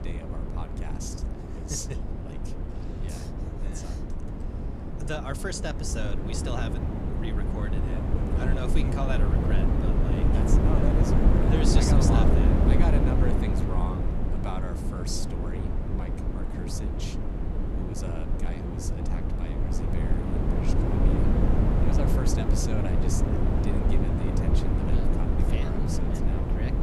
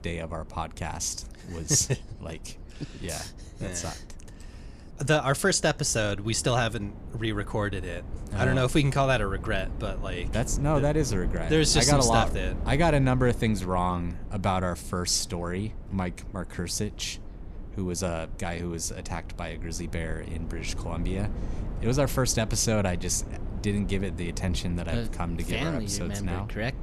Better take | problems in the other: second | wind noise on the microphone; heavy; 3 dB above the speech; occasional gusts in the second

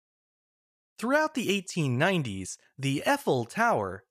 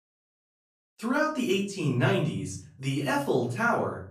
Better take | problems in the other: first | off-mic speech; far // room echo; slight; dies away in 0.5 s

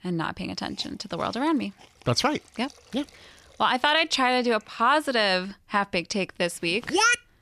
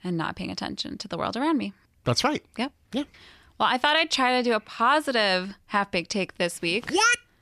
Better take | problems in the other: second | hiss; faint; throughout; 30 dB below the speech

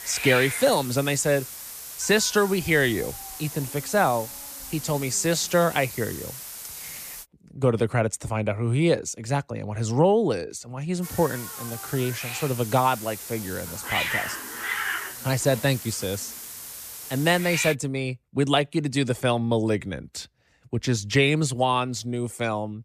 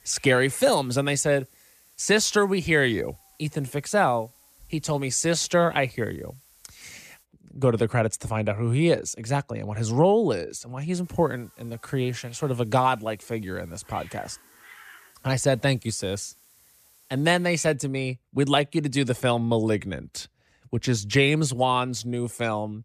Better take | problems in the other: second | hiss; loud; until 7 s and from 11 to 18 s; 8 dB below the speech; faint in the second

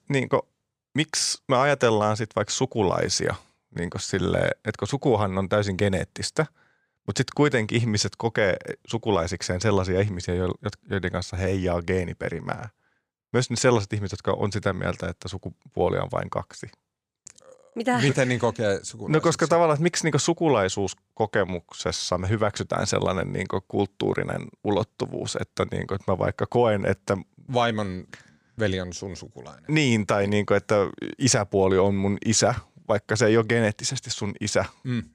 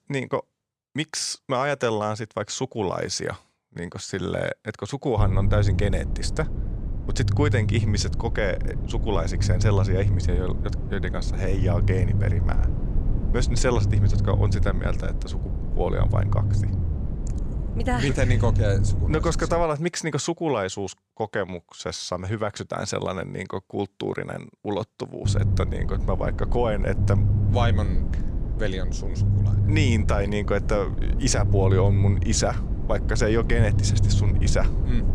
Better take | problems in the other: first | low rumble; loud; from 5 to 20 s and from 25 s on; 10 dB below the speech

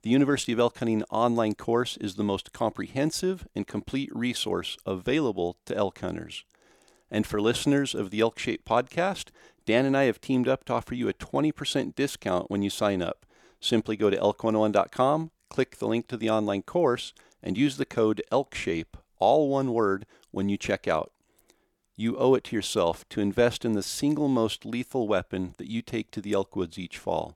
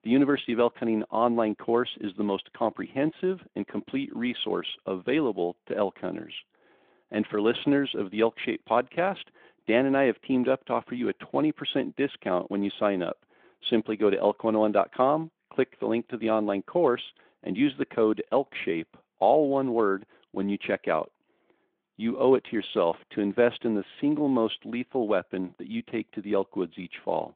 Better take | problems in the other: first | phone-call audio; nothing above 3.5 kHz

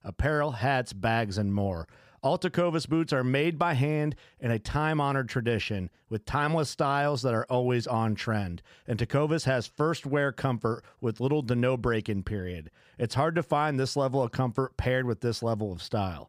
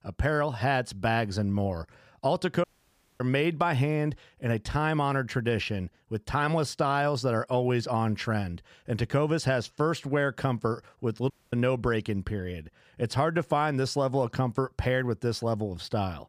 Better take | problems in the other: first | audio cutting out; at 2.5 s for 0.5 s and at 11 s

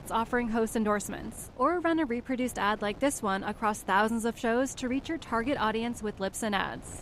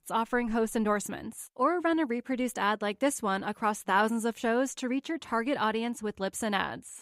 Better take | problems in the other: second | wind noise on the microphone; occasional gusts; 25 dB below the speech

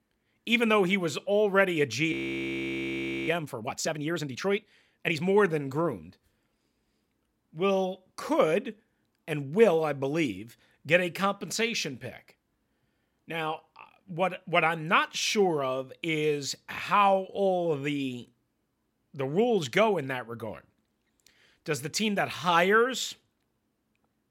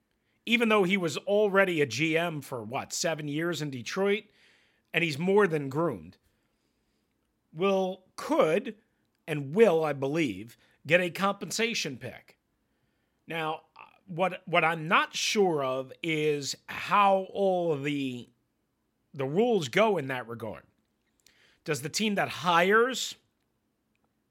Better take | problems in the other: second | audio freezing; at 2 s for 1 s

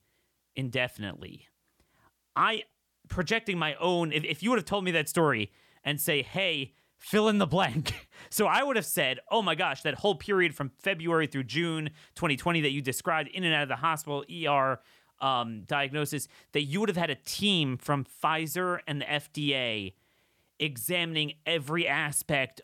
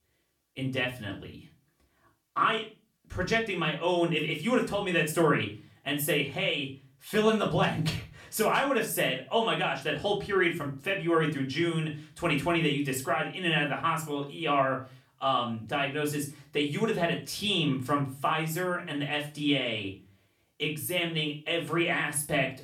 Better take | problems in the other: first | off-mic speech; far // room echo; slight; dies away in 0.3 s

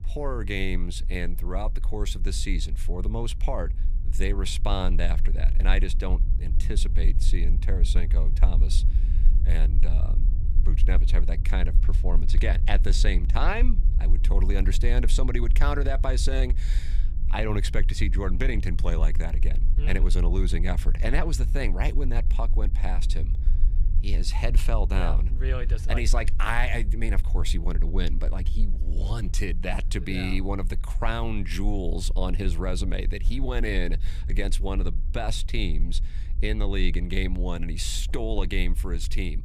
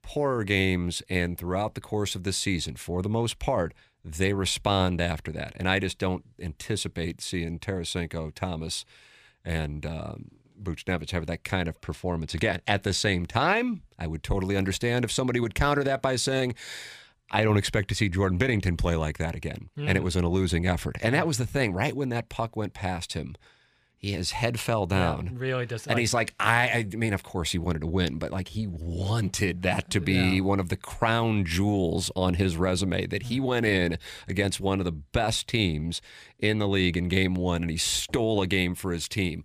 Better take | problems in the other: second | low rumble; noticeable; throughout; 15 dB below the speech

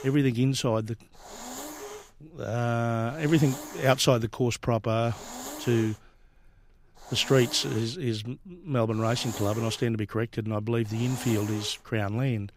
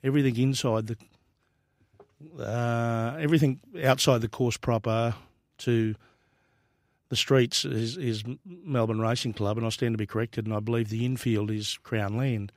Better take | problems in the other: second | hiss; noticeable; throughout; 15 dB below the speech

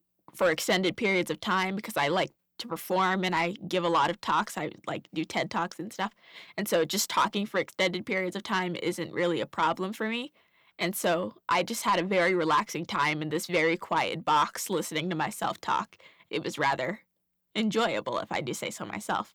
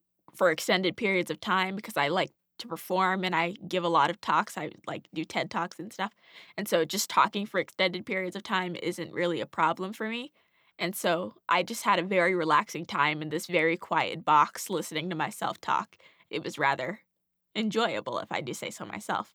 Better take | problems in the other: second | distortion; slight; 10 dB below the speech

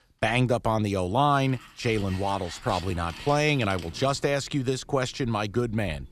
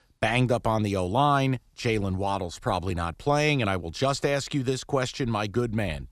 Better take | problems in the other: second | household noises; noticeable; throughout; 15 dB below the speech

